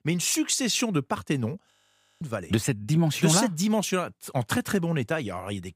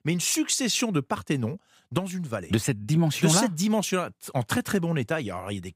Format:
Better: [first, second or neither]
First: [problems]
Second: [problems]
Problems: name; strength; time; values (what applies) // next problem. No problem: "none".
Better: second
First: audio freezing; at 1.5 s for 0.5 s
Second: none